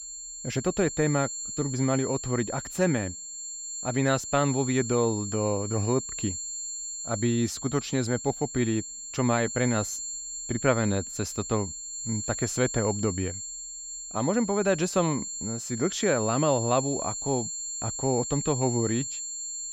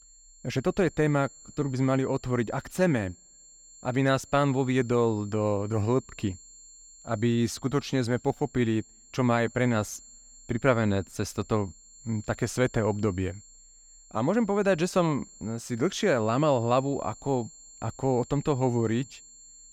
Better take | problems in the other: second | high-pitched whine; loud; throughout; 7.5 kHz, 6 dB below the speech; faint in the second

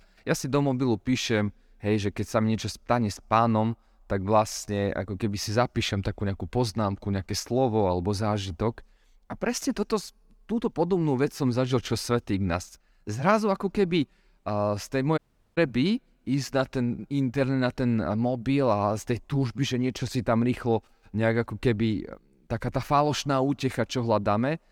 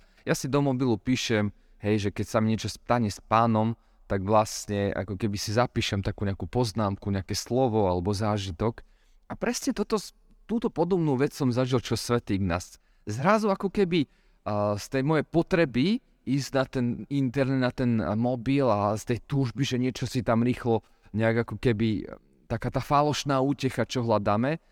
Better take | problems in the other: second | audio cutting out; at 15 s

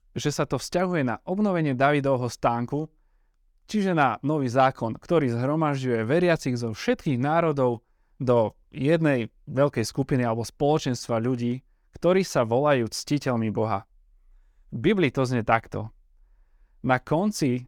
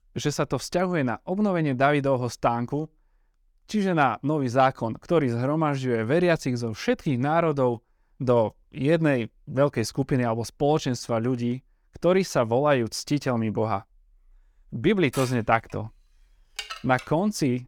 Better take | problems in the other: first | clattering dishes; faint; from 15 to 17 s; peak 10 dB below the speech

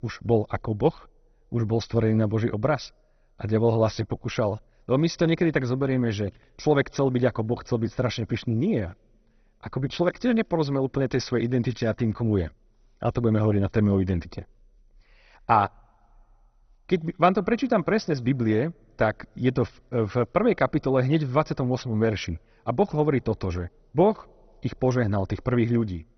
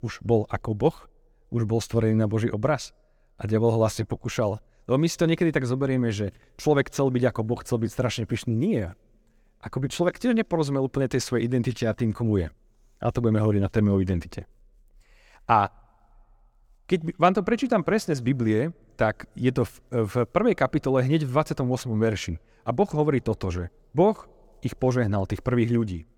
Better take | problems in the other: second | garbled, watery; badly; nothing above 6 kHz

